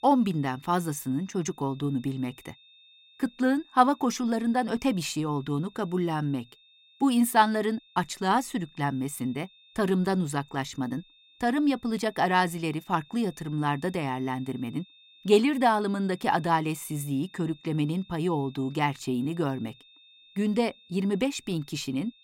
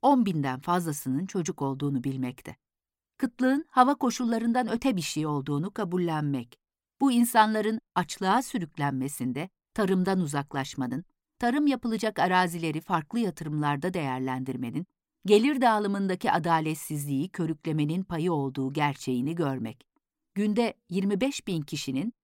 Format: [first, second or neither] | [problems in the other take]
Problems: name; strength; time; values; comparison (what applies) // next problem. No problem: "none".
second | high-pitched whine; faint; throughout; 3.5 kHz, 25 dB below the speech